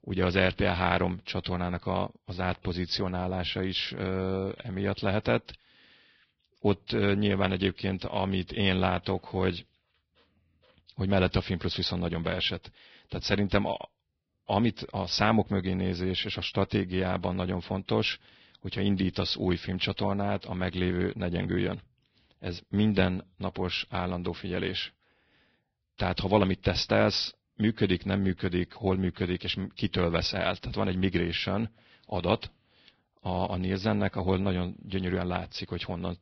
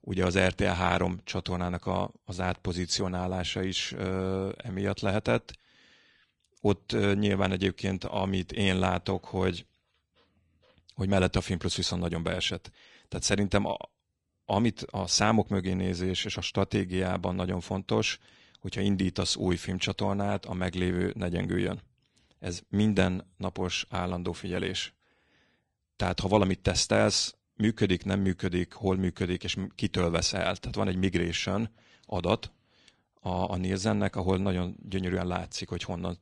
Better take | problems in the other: second | garbled, watery; badly; nothing above 5.5 kHz; slightly in the second

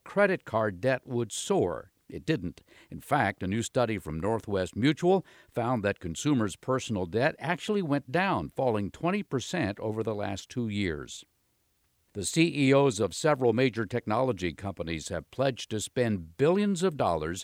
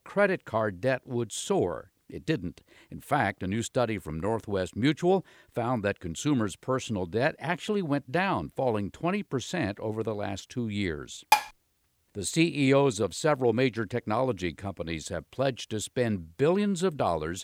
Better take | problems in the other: first | clattering dishes; loud; at 11 s; peak 4 dB above the speech

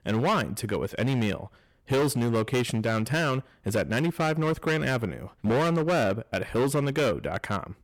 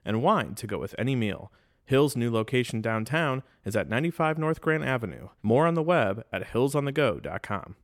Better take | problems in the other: second | distortion; heavy; 15% of the sound clipped

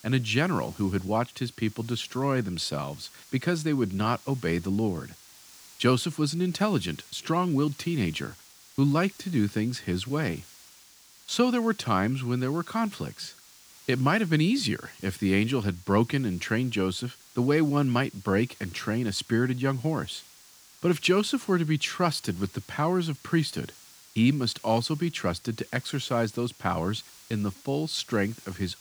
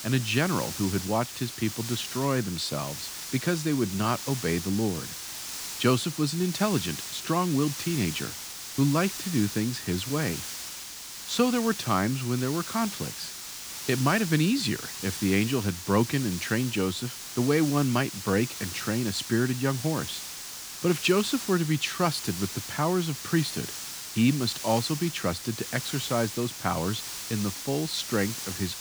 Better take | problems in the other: first | hiss; loud; throughout; 7 dB below the speech; faint in the first

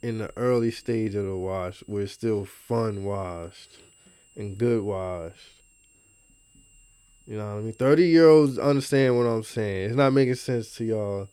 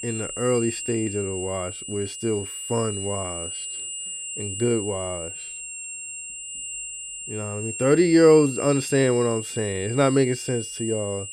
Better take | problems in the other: first | high-pitched whine; loud; throughout; 7.5 kHz, 8 dB below the speech; faint in the first

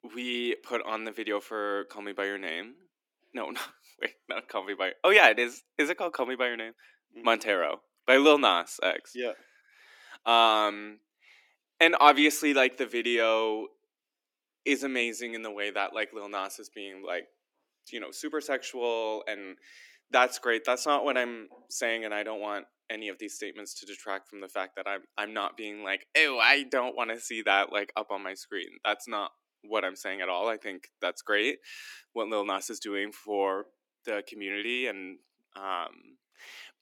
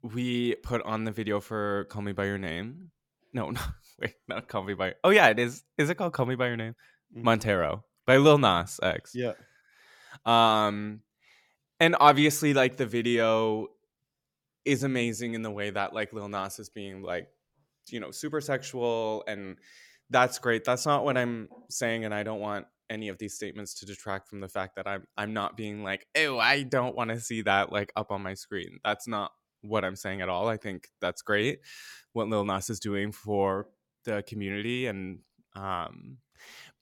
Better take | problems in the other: second | thin; very slightly; fading below 300 Hz

